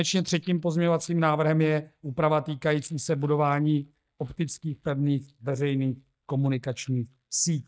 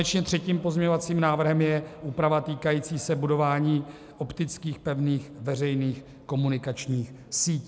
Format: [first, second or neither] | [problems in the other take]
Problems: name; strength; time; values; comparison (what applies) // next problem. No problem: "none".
second | noise reduction (neural mask model DeepFilterNet 3)